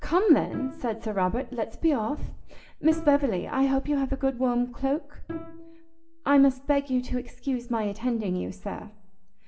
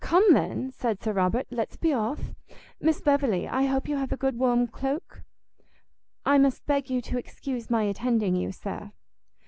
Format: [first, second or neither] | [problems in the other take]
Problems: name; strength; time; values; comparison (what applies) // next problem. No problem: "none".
second | background sound (Bowed string instrument); 18 dB below the speech // room echo; dies away in 0.4 s